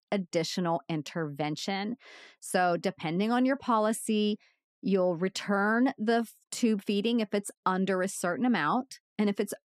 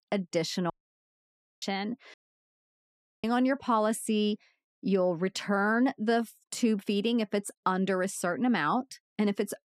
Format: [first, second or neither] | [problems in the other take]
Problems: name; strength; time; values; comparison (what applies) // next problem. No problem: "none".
first | audio cutting out; at 0.5 s for 1 s and at 2 s for 1 s